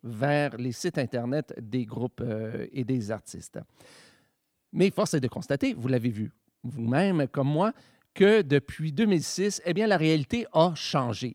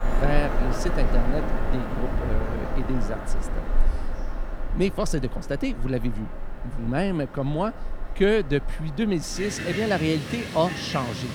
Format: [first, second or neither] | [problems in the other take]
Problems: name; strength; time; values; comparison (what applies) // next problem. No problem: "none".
first | animal sounds; loud; throughout; 5 dB below the speech